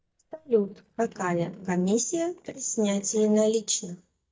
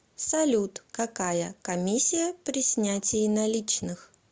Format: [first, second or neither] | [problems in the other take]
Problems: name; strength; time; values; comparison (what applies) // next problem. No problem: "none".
second | noise reduction (neural mask model DeepFilterNet 3)